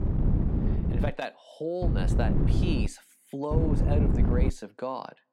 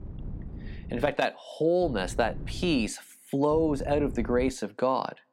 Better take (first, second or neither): second